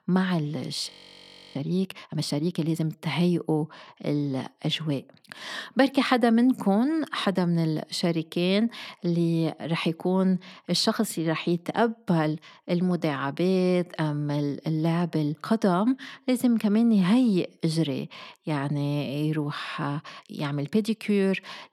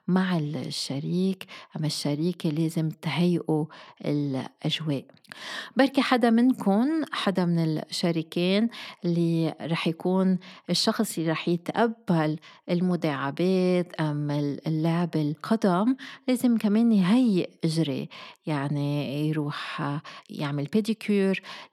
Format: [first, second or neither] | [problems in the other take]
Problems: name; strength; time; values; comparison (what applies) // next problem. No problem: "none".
second | audio freezing; at 1 s for 0.5 s